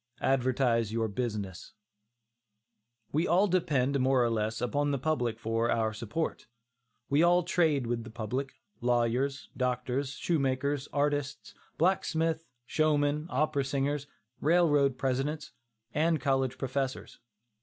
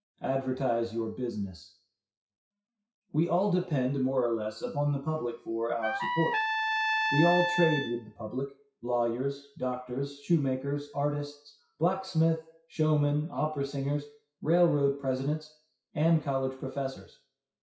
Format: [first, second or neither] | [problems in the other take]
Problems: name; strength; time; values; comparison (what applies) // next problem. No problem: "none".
first | noise reduction (classical method WPE with log-MMSE)